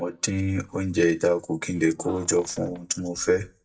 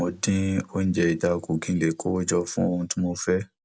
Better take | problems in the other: second | noise reduction (neural mask model DeepFilterNet 3)

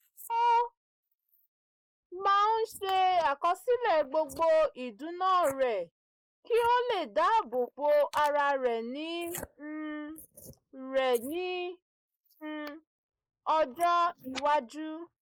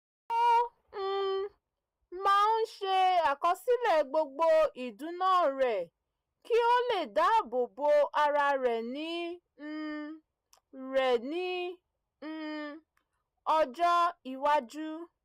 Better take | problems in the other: second | noise reduction (neural mask model Resemble Enhance denoiser)

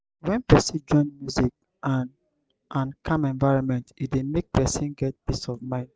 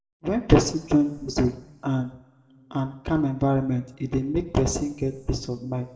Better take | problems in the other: first | room echo; dies away in 1.1 s

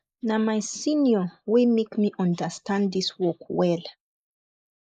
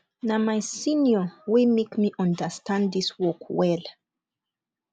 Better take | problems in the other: second | noise reduction (neural mask model Resemble Enhance denoiser)

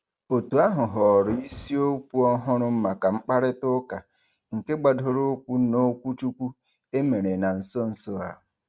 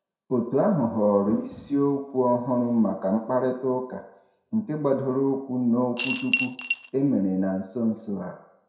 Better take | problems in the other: first | background sound (Coin (dropping) / Glass); 4 dB below the speech // room echo; dies away in 0.5 s

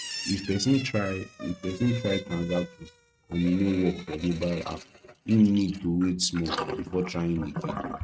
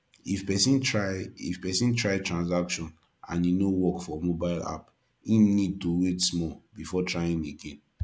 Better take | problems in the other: second | noise reduction (neural mask model RNNoise)

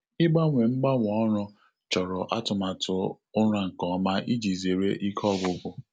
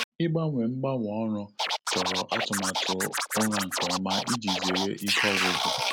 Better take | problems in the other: first | background sound (Scratching (performance technique)); as loud as the speech

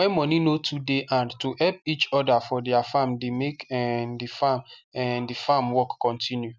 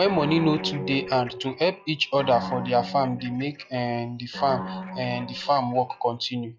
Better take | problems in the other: first | noise reduction (classical method log-MMSE)

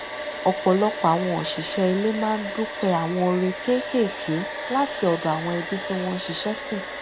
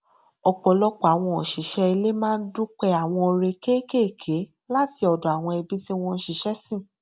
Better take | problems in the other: second | background sound (Domestic sounds, home sounds); 8 dB below the speech

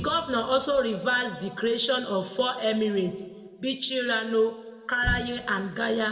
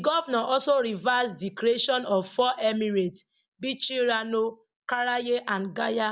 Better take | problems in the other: second | background sound (Motor vehicle (road)); 15 dB below the speech // room echo; dies away in 1.2 s

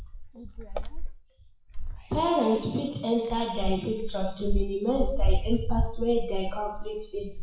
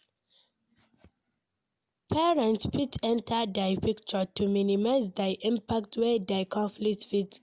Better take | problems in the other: second | noise reduction (classical method WPE with log-MMSE)

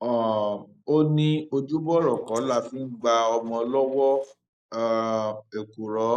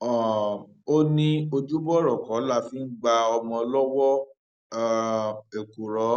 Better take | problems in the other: second | noise reduction (neural mask model Resemble Enhance denoiser)

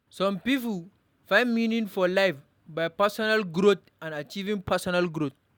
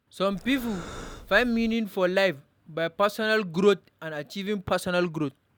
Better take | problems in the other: first | background sound (Breathing); 15 dB below the speech

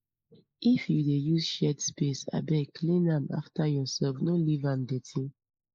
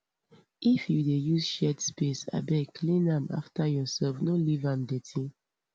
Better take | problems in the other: second | noise reduction (neural mask model Resemble Enhance denoiser)

